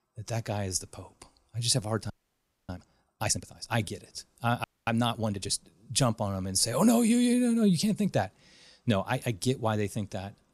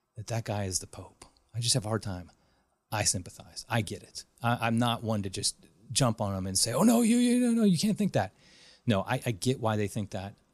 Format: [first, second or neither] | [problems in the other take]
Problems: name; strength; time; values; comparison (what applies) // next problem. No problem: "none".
second | audio freezing; at 2 s for 0.5 s and at 4.5 s